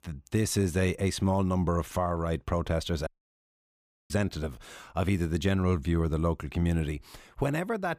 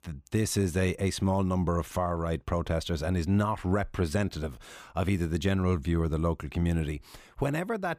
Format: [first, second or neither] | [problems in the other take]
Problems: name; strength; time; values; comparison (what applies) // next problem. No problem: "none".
second | audio cutting out; at 3 s for 1 s